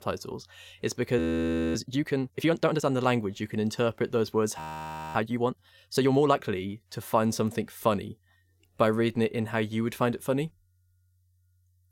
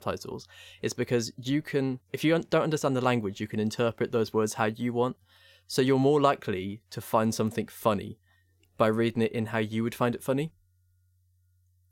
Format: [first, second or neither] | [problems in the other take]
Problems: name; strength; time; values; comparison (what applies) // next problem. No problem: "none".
second | audio freezing; at 1 s for 0.5 s and at 4.5 s for 0.5 s